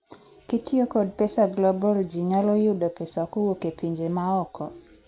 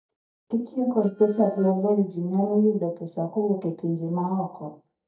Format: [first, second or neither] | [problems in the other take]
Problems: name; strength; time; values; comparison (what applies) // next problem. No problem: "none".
first | noise reduction (neural mask model DeepFilterNet 3)